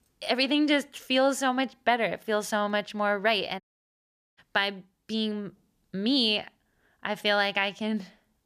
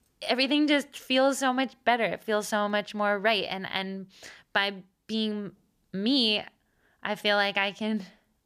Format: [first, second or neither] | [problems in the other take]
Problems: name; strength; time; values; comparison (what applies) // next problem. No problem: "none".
second | audio cutting out; at 3.5 s for 1 s